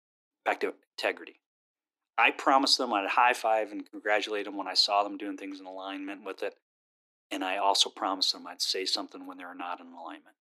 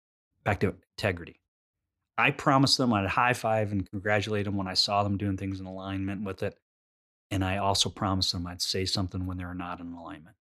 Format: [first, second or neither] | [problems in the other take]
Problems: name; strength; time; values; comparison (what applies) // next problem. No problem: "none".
second | thin; somewhat; fading below 300 Hz